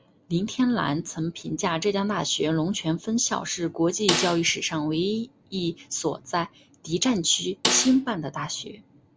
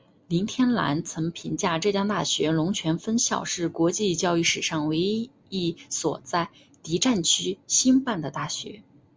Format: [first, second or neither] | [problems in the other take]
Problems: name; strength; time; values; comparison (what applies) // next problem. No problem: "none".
second | background sound (Snare drum); 4 dB below the speech